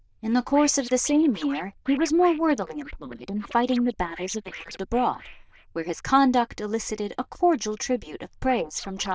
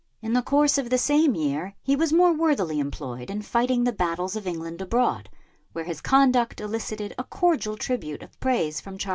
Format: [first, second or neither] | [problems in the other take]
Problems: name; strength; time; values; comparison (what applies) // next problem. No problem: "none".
second | noise reduction (neural diffusion model UNIVERSE++)